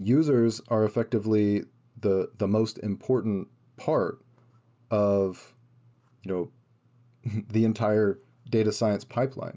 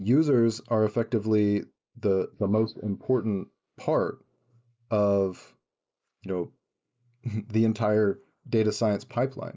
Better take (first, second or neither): first